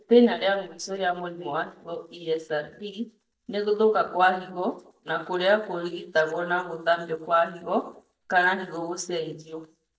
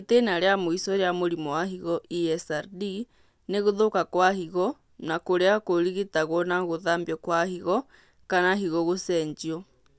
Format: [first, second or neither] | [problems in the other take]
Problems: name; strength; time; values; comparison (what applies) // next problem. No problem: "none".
second | noise reduction (neural mask model DeepFilterNet 3)